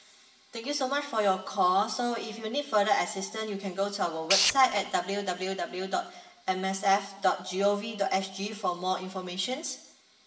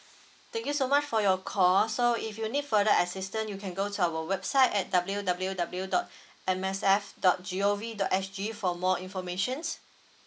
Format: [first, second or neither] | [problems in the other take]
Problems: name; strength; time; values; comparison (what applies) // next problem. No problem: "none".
second | background sound (Tools); as loud as the speech // room echo; dies away in 0.8 s